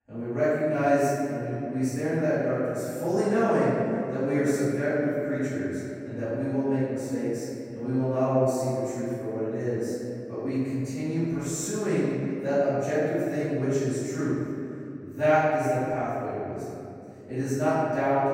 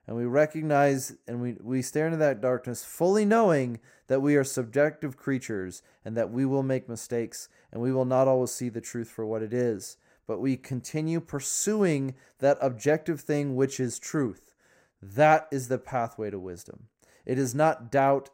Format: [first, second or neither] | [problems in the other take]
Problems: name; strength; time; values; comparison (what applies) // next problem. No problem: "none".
second | off-mic speech; far // room echo; strong; dies away in 2.7 s